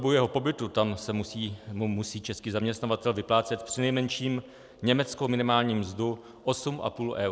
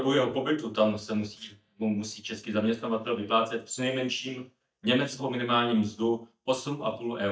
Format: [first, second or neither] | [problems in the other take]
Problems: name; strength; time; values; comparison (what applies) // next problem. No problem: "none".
first | noise reduction (neural mask model DeepFilterNet 3)